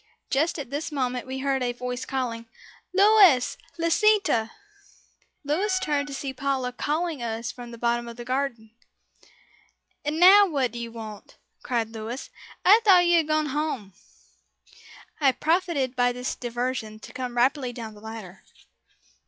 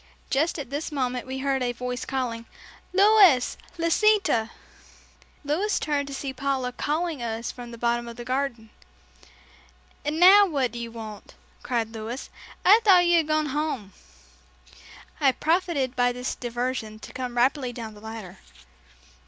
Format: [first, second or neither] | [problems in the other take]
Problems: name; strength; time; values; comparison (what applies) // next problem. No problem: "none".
second | noise reduction (classical method log-MMSE)